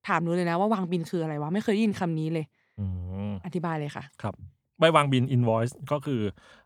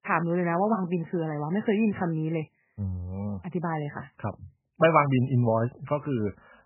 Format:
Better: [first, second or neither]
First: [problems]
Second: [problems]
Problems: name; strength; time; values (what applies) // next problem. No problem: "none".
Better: first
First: none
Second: garbled, watery; badly; nothing above 3 kHz